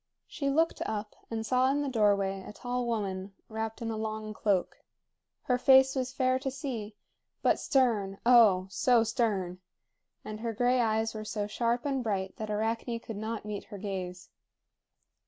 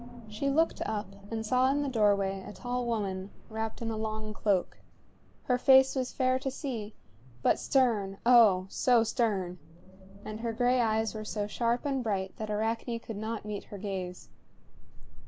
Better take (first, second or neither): first